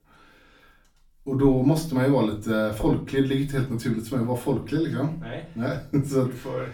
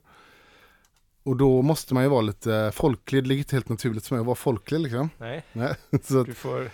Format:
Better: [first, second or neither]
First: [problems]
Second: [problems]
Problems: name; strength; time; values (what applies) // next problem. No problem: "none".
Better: second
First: off-mic speech; far // room echo; very slight; dies away in 0.3 s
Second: none